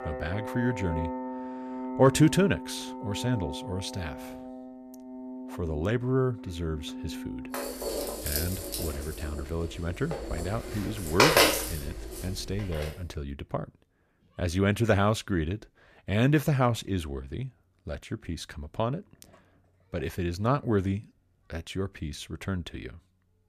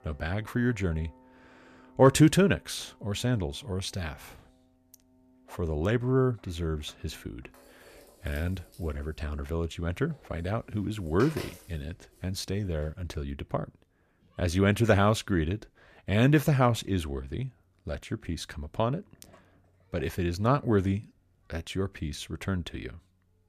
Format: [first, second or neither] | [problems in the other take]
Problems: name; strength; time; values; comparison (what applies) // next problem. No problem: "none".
second | background music; loud; until 13 s; 2 dB below the speech; faint in the second